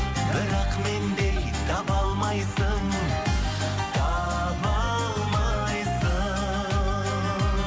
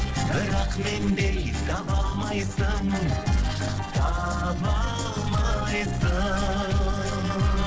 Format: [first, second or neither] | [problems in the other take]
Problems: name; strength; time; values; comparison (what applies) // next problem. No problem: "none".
first | noise reduction (neural separator model SepFormer DNS4)